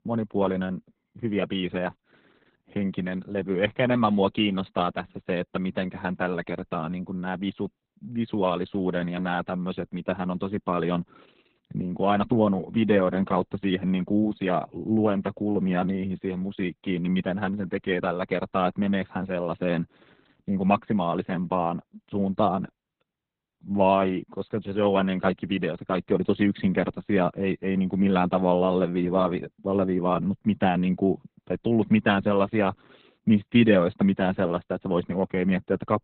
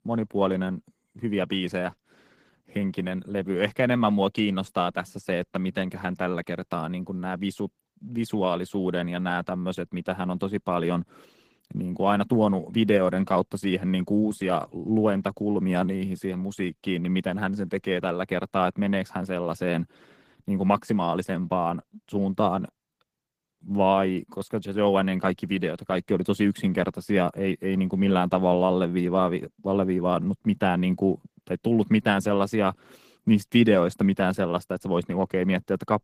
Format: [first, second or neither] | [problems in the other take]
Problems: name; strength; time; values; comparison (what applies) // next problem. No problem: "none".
second | garbled, watery; badly; nothing above 3.5 kHz; slightly in the second